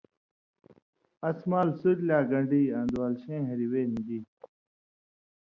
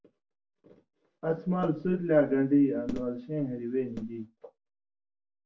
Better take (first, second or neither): first